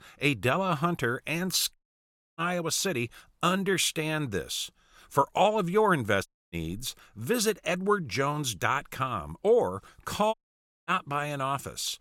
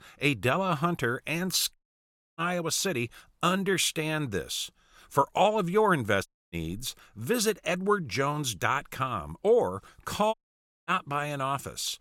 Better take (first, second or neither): neither